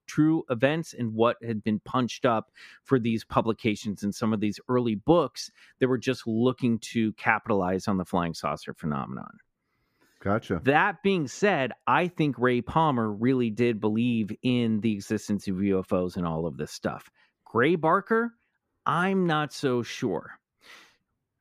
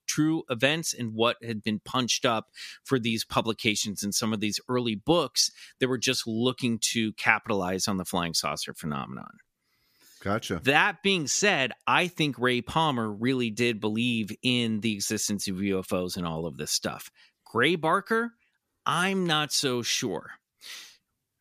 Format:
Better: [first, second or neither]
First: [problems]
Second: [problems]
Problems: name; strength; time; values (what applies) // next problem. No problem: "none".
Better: second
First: muffled; slightly; fading above 2.5 kHz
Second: none